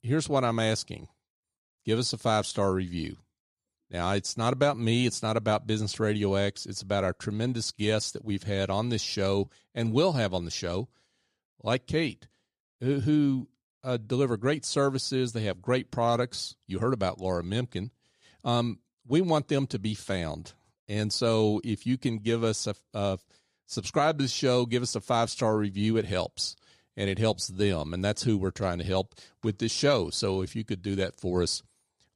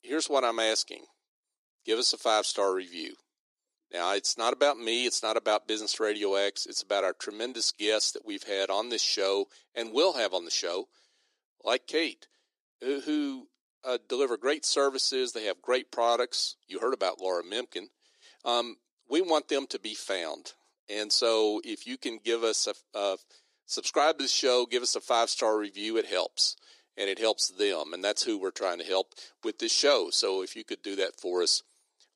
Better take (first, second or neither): first